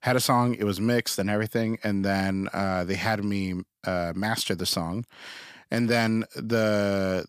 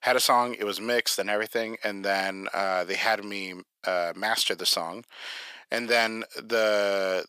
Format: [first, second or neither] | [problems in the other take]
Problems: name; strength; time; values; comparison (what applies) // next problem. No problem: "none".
first | thin; very; fading below 550 Hz